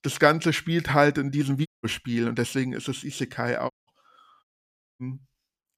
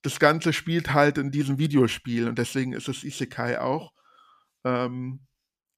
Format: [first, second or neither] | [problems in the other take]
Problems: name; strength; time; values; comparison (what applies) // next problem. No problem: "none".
second | audio cutting out; at 1.5 s, at 3.5 s and at 4.5 s for 0.5 s